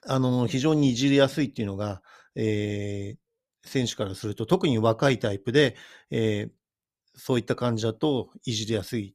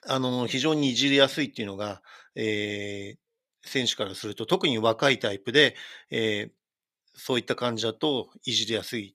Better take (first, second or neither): first